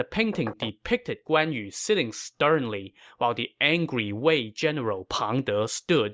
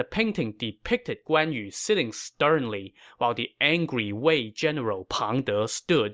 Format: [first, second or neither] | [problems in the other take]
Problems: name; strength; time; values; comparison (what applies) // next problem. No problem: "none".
second | noise reduction (neural mask model RNNoise)